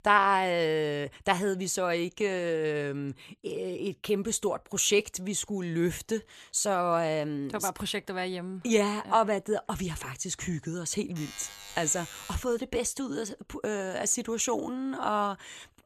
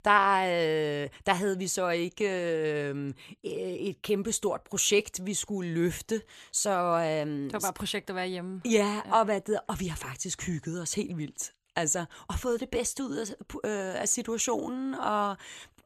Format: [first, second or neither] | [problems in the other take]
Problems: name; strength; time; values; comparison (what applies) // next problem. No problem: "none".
second | alarm; faint; from 11 to 12 s; peak 10 dB below the speech